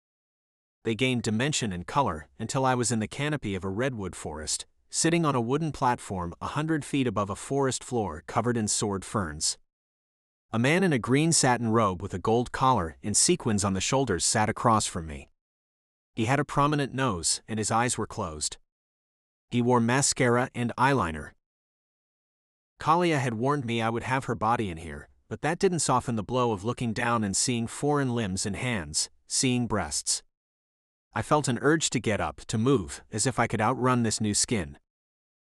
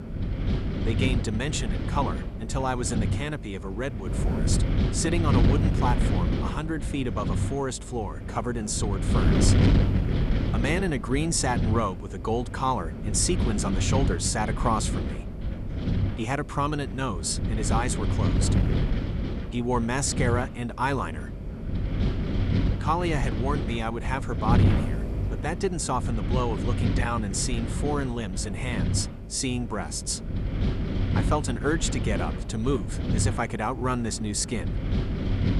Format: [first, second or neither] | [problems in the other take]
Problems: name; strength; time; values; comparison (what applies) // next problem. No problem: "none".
first | wind noise on the microphone; heavy; 6 dB below the speech